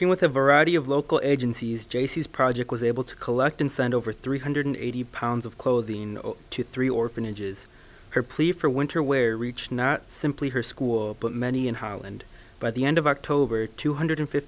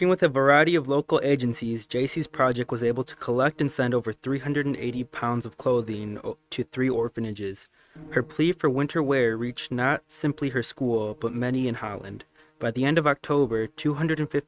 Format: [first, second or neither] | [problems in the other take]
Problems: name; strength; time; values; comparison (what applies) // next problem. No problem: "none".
first | noise reduction (neural mask model RNNoise)